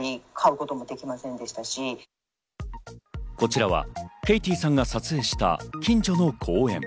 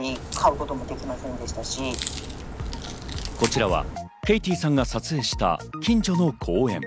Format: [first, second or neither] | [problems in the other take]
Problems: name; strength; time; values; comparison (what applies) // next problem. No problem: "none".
first | background sound (Crack); 8 dB below the speech